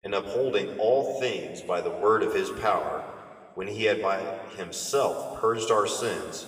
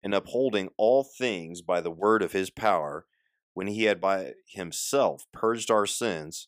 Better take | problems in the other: second | room echo; noticeable; dies away in 1.7 s // off-mic speech; somewhat distant

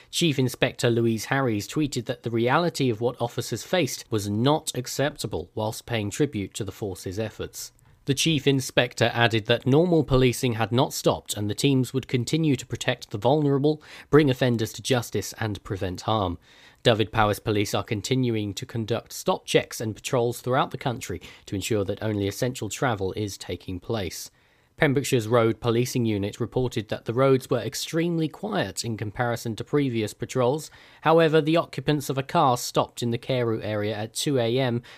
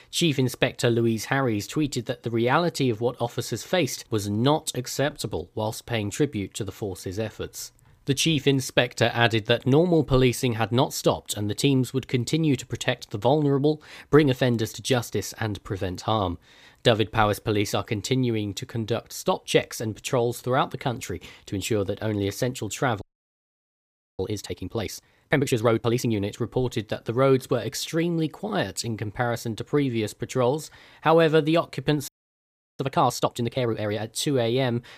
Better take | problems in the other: first | audio freezing; at 23 s for 1 s and at 32 s for 0.5 s

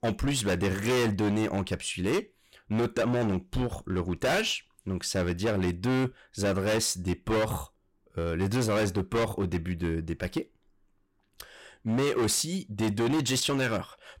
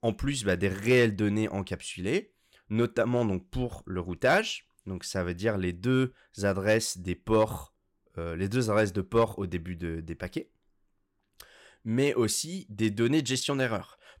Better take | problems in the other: second | distortion; heavy; 16% of the sound clipped

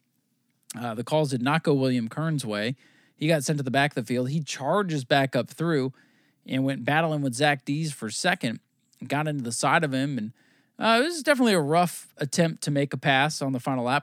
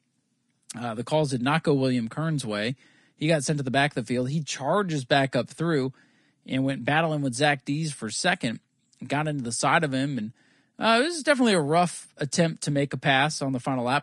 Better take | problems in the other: first | garbled, watery; slightly

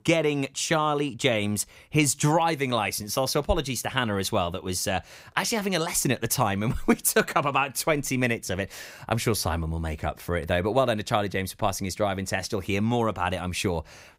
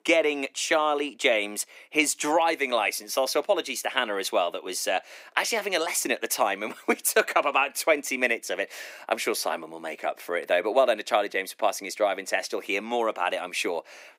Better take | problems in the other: first | thin; somewhat; fading below 300 Hz

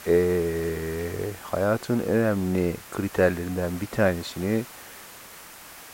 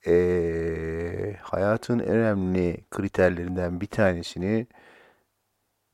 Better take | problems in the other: second | hiss; noticeable; throughout; 15 dB below the speech

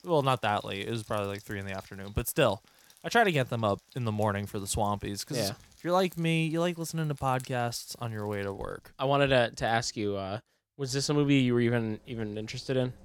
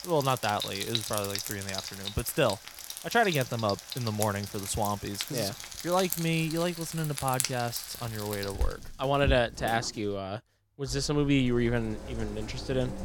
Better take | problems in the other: first | household noises; loud; throughout; 6 dB below the speech; faint in the first

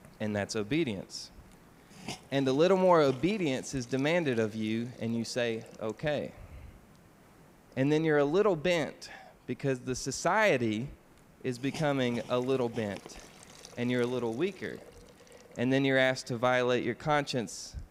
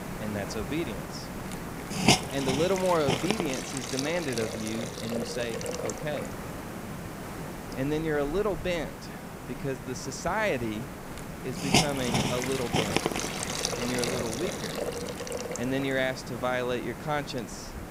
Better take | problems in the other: first | hiss; loud; throughout; 1 dB below the speech; faint in the first

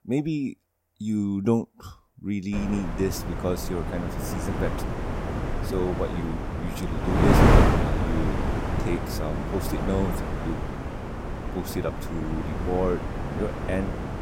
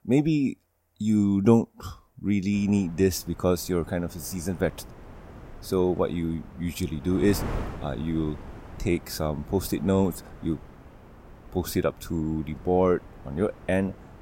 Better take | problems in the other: second | wind noise on the microphone; heavy; from 2.5 s on; 2 dB above the speech; occasional gusts in the second

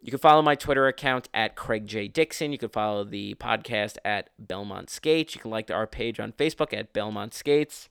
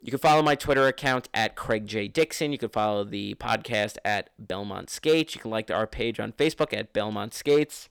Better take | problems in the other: first | distortion; slight; 2% of the sound clipped

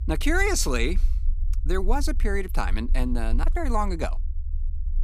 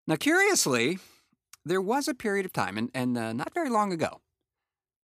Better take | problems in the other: second | low rumble; faint; throughout; 25 dB below the speech

